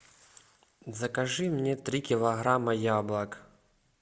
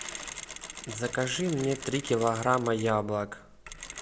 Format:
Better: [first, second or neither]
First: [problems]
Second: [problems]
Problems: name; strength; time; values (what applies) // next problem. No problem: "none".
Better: first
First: none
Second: background sound (Mechanisms); 12 dB below the speech